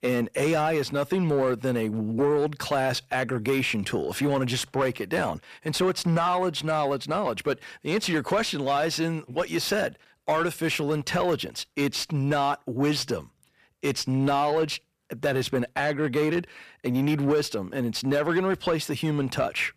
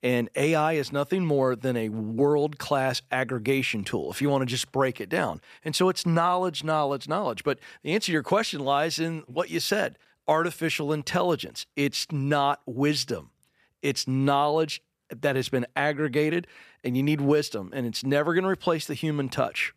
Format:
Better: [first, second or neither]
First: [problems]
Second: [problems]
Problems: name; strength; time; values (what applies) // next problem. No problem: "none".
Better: second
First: distortion; slight; 10 dB below the speech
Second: none